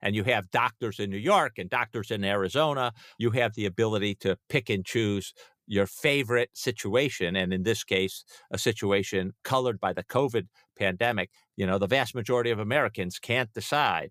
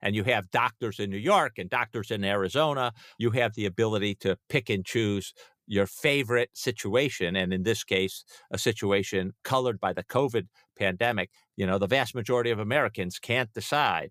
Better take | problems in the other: neither | none

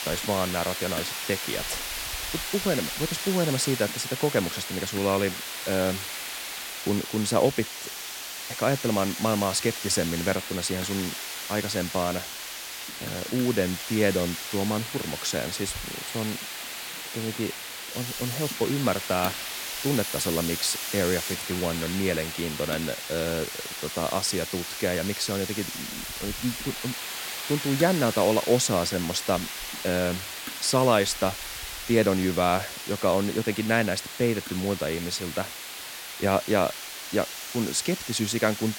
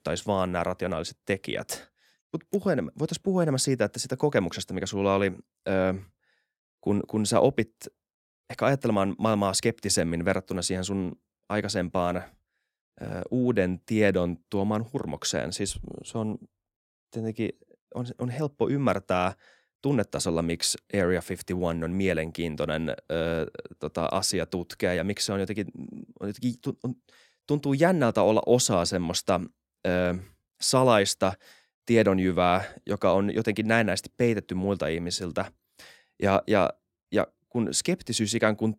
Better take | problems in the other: second | hiss; loud; throughout; 5 dB below the speech

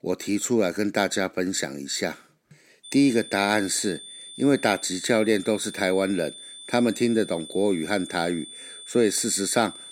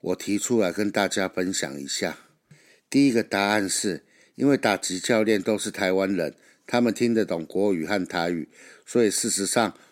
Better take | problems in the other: second | high-pitched whine; noticeable; from 3 s on; 3.5 kHz, 15 dB below the speech

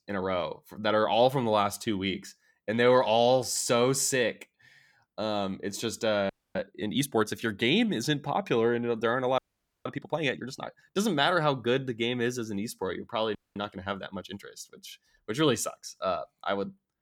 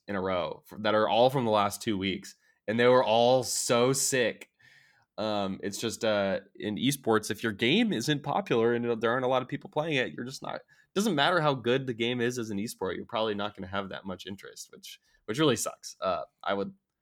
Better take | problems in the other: second | audio freezing; at 6.5 s, at 9.5 s and at 13 s

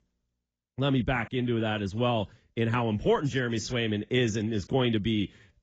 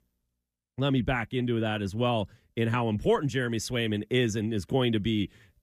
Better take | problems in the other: second | garbled, watery; badly; nothing above 7.5 kHz

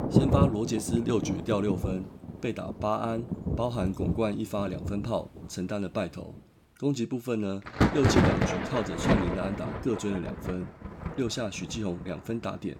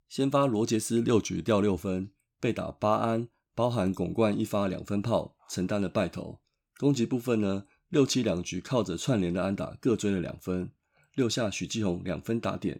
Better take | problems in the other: second | rain or running water; very loud; throughout; 2 dB above the speech

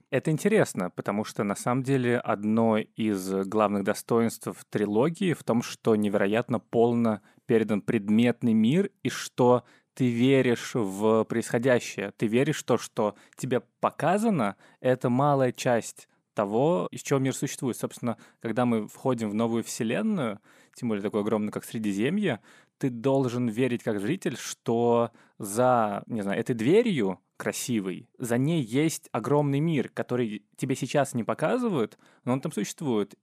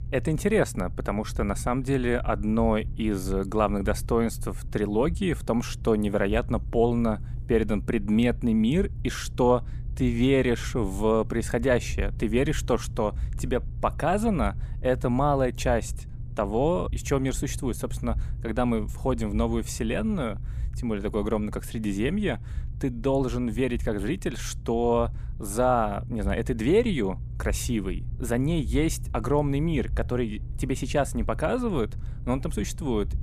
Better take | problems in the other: first | low rumble; faint; throughout; 25 dB below the speech

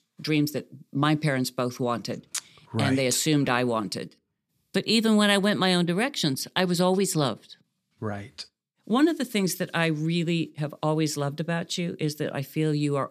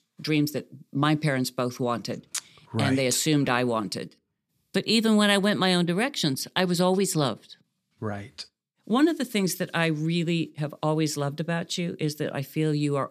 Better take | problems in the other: neither | none

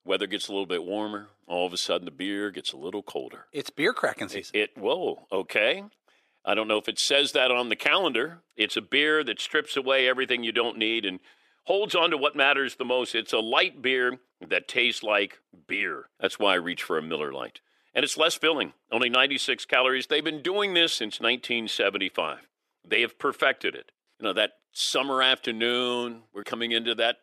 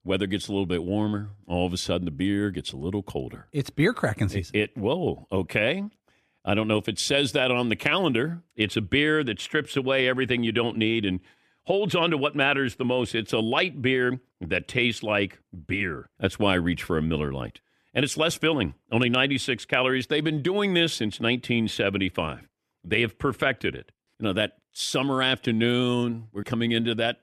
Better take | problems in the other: second | thin; somewhat; fading below 450 Hz

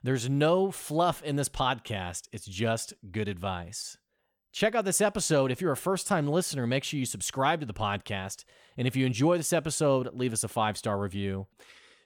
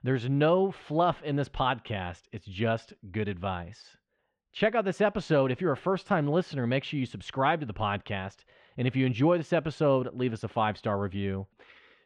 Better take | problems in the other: first | muffled; very; fading above 3 kHz

